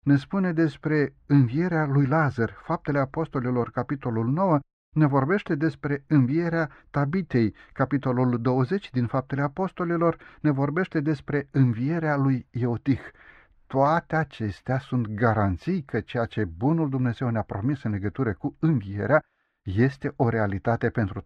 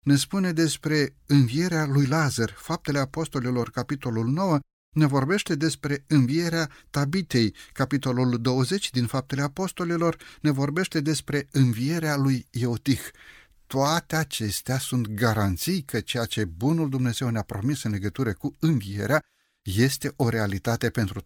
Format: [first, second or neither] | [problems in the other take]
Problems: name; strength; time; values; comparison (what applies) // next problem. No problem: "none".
second | muffled; very; fading above 1.5 kHz